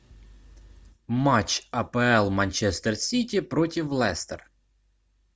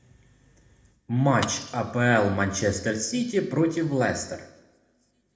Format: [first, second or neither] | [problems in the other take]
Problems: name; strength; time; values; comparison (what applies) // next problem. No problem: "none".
first | background sound (Shatter); 19 dB below the speech // room echo; dies away in 0.7 s